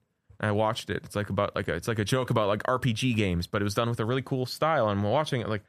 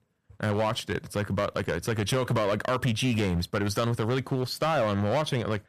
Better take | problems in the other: first | distortion; slight; 10% of the sound clipped

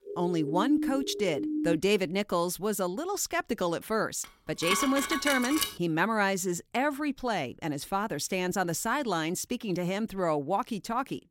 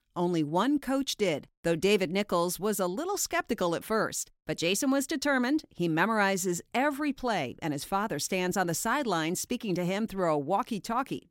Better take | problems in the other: second | siren; noticeable; until 2 s; peak 1 dB below the speech // clattering dishes; loud; from 4 to 5.5 s; peak level with the speech

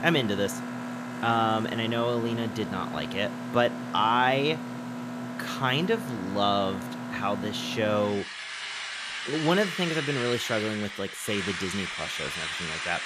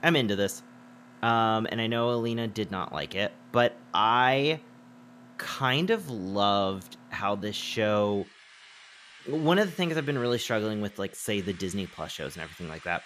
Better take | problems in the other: second | machinery noise; loud; throughout; 6 dB below the speech; faint in the second

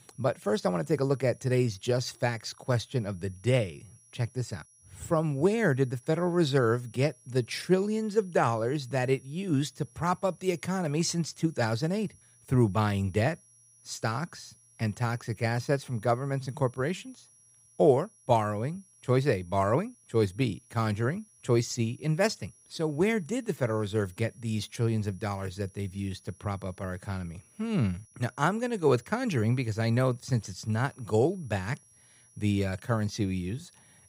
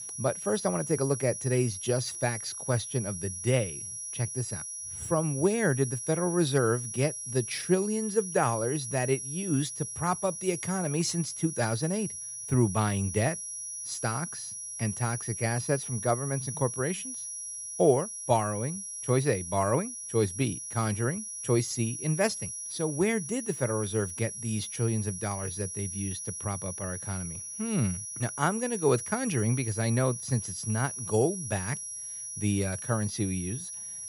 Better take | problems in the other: first | high-pitched whine; loud; throughout; 10.5 kHz, 6 dB below the speech; faint in the first

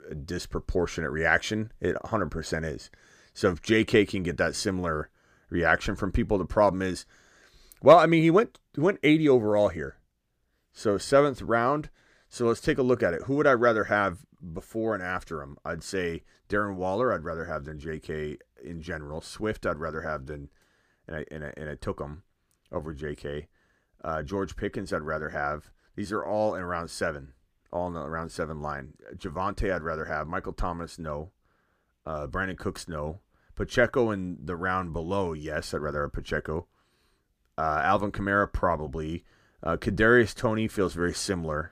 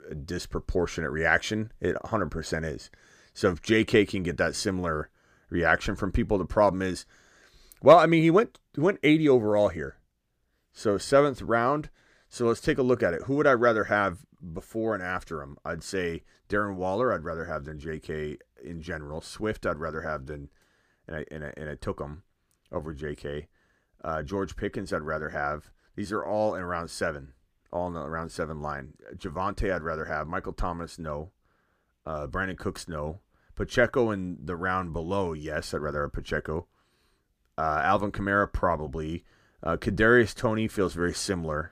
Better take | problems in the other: neither | none

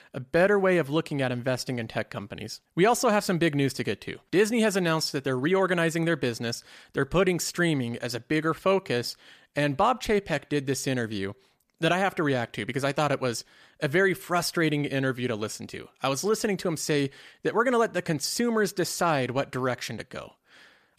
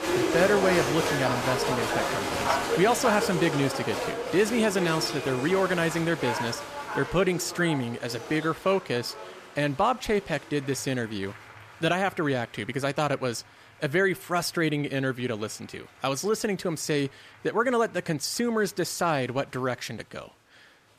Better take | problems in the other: first | crowd noise; loud; throughout; 3 dB below the speech

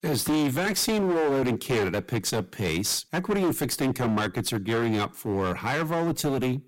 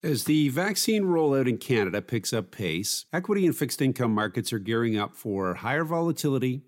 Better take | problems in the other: second | distortion; heavy; 22% of the sound clipped

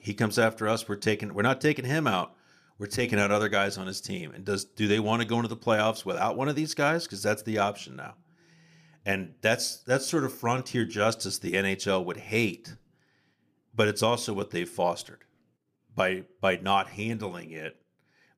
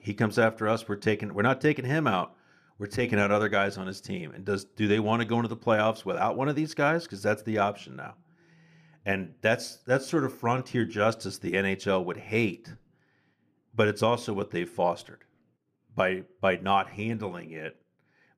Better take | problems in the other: first | muffled; slightly; fading above 3.5 kHz

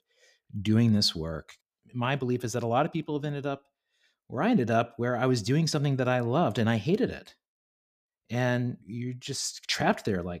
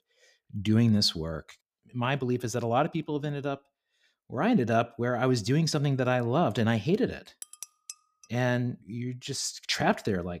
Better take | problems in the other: first | clattering dishes; faint; at 7.5 s; peak 15 dB below the speech

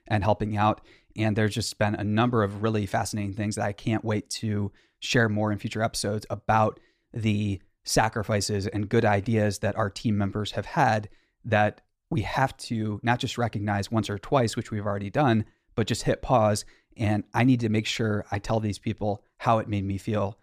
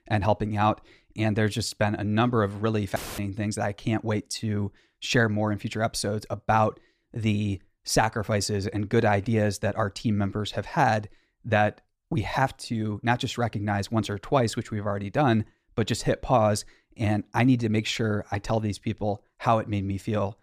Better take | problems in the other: first | audio cutting out; filled with static; at 3 s

